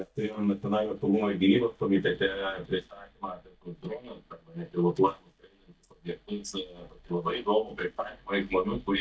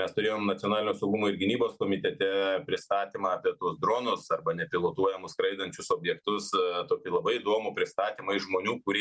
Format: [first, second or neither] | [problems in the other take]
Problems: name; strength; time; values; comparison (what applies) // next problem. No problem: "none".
second | noise reduction (neural mask model DeepFilterNet 3)